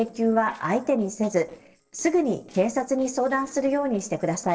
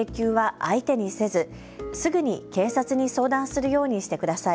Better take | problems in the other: second | noise reduction (neural separator model SepFormer DNS4)

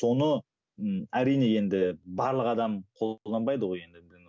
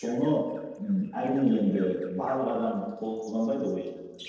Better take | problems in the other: first | noise reduction (neural separator model SepFormer DNS4)

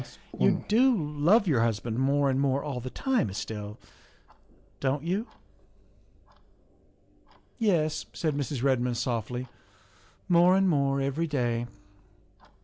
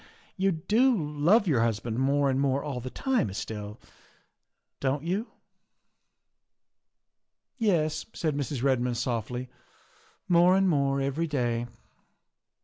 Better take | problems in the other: second | background sound (Clock); 16 dB below the speech

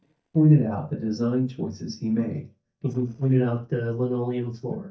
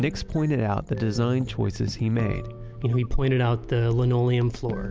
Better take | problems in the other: second | noise reduction (neural mask model DeepFilterNet 3)

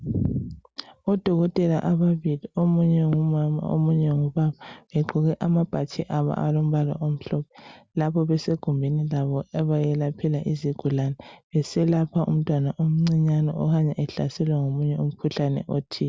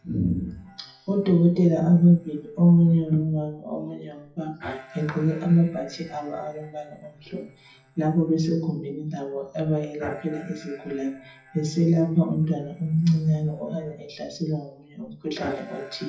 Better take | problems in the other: first | noise reduction (classical method WPE with log-MMSE)

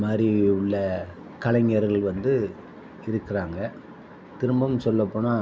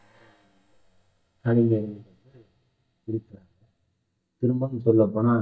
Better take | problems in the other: first | noise reduction (neural mask model DeepFilterNet 3)

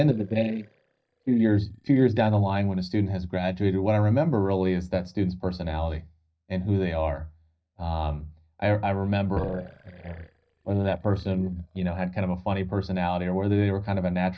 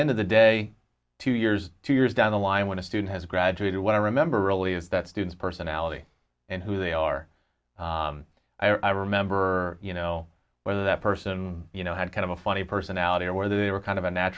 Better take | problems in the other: second | noise reduction (neural mask model DeepFilterNet 3)

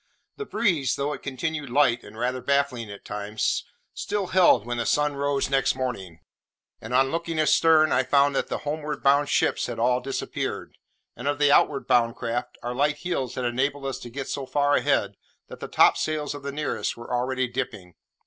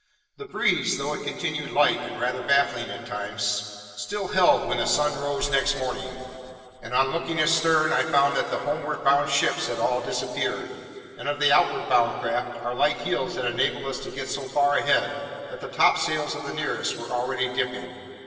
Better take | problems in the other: first | room echo; dies away in 2.6 s

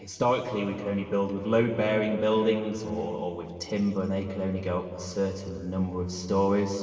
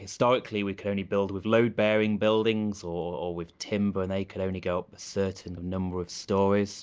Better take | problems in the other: second | room echo; dies away in 2.4 s

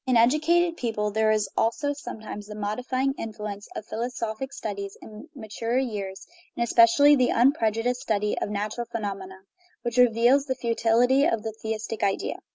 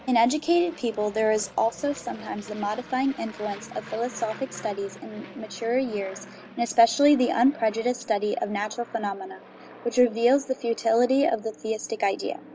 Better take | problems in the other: first | background sound (Aircraft); 19 dB below the speech

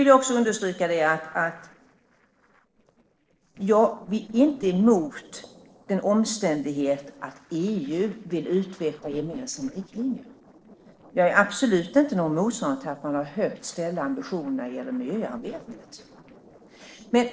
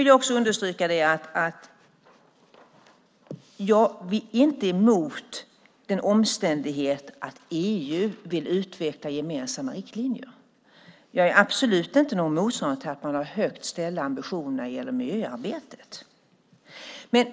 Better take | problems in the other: second | noise reduction (neural separator model SepFormer DNS4)

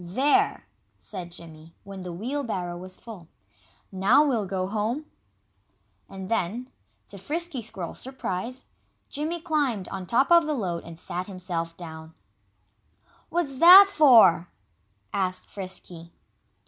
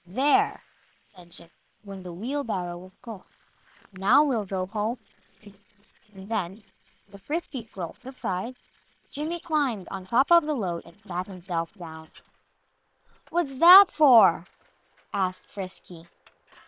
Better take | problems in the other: first | noise reduction (neural separator model SepFormer WHAM!)

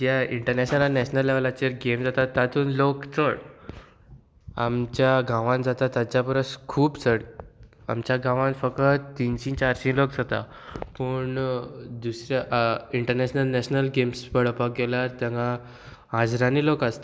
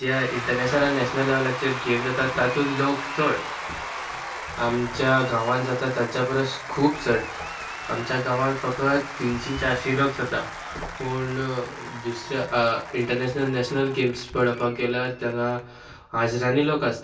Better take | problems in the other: first | background sound (Applause / Crowd / Cheering); 10 dB below the speech // room echo; dies away in 0.1 s

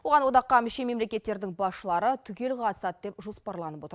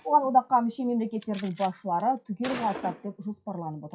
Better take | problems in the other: first | noise reduction (classical method WPE with log-MMSE)

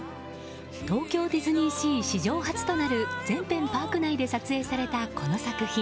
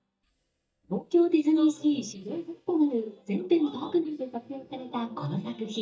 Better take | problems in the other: first | noise reduction (neural mask model DeepFilterNet 3)

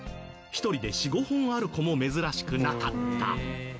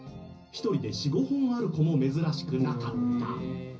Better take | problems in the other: first | room echo; dies away in 0.5 s

